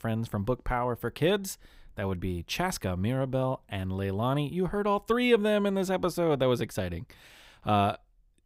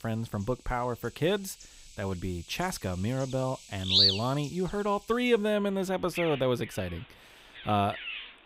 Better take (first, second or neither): first